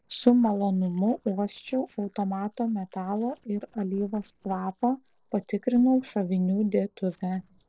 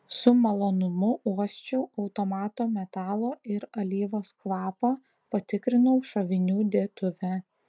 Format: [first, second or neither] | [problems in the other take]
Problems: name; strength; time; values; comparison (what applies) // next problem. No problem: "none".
second | noise reduction (neural separator model SepFormer DNS4)